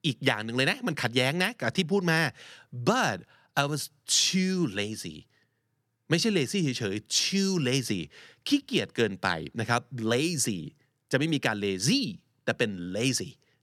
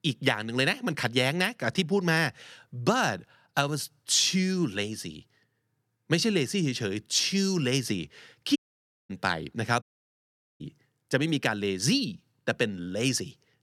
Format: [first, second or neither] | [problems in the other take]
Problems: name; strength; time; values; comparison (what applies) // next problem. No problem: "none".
first | audio cutting out; at 8.5 s for 0.5 s and at 10 s for 1 s